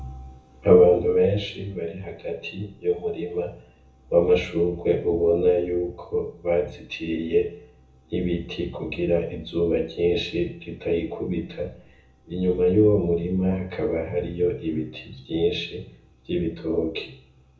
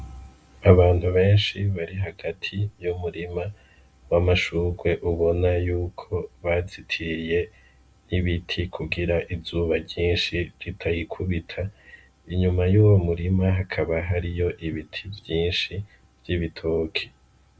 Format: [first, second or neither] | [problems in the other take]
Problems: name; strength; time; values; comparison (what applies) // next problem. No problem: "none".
second | room echo; dies away in 0.6 s